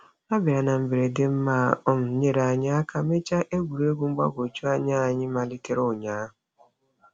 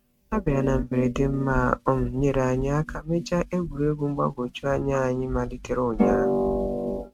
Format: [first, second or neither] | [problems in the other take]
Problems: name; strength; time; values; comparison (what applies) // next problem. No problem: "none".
first | noise reduction (neural mask model RNNoise)